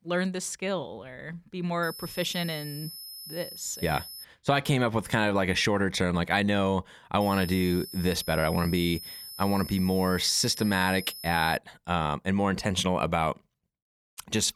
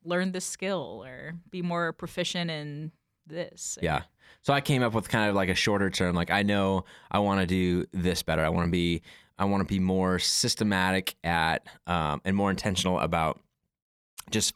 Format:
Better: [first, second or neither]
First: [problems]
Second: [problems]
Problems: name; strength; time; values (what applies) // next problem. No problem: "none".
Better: second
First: high-pitched whine; noticeable; from 2 to 4 s and from 7 to 12 s; 5 kHz, 10 dB below the speech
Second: none